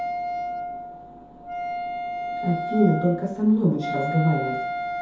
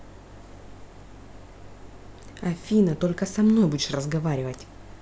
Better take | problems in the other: second | background sound (Wind instrument, woodwind instrument); 5 dB below the speech // room echo; dies away in 0.6 s

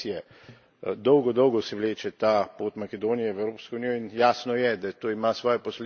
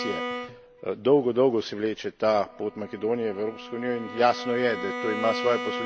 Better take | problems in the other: first | background sound (Bowed string instrument); 9 dB below the speech

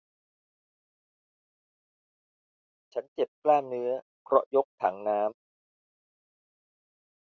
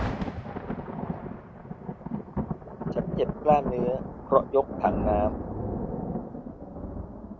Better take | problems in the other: first | background sound (Thunder); 2 dB below the speech

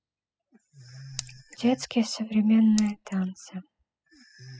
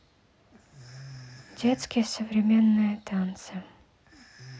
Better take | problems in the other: second | noise reduction (classical method spectral subtraction)

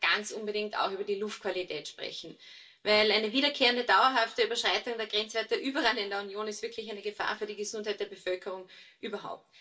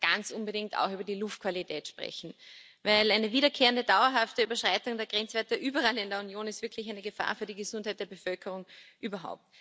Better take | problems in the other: second | room echo; dies away in 0.2 s

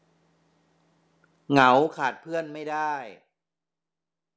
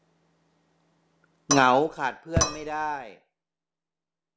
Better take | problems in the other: first | background sound (Thump, thud + Cutlery, silverware / Dishes, pots, and pans); 1 dB below the speech

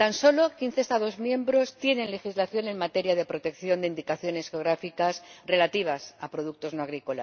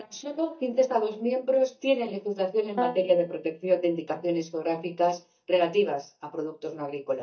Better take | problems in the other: first | noise reduction (neural mask model DeepFilterNet 3)

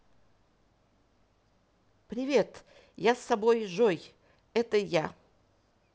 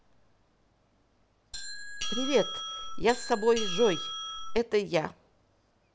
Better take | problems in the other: first | background sound (Doorbell); 3 dB below the speech

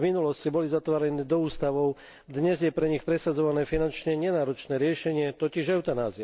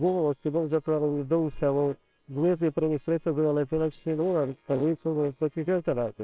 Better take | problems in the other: first | noise reduction (neural separator model SepFormer WHAMR!)

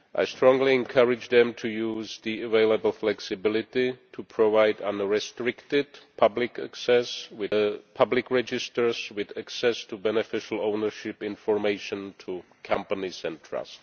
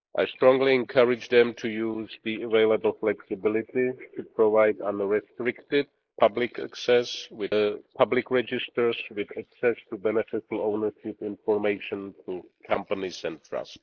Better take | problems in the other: first | noise reduction (neural mask model Resemble Enhance denoiser)

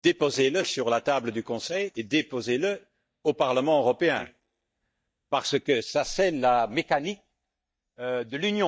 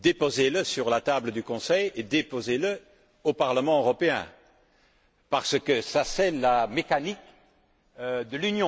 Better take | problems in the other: second | noise reduction (neural mask model DeepFilterNet 3)

